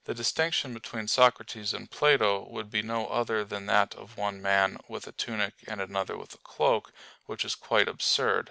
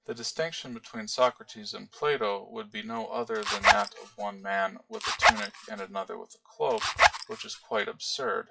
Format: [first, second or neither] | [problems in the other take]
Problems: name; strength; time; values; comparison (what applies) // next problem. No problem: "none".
first | noise reduction (classical method WPE with log-MMSE)